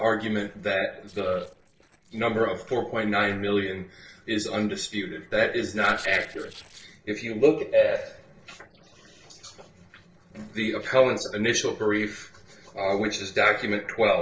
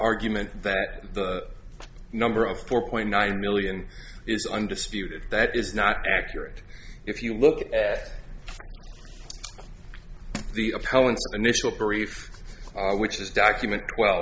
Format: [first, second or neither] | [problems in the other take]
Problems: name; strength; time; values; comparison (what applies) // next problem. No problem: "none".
second | noise reduction (neural separator model SepFormer DNS4)